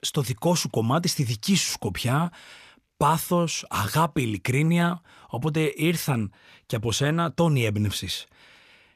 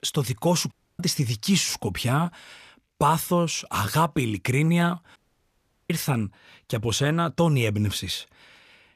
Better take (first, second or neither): first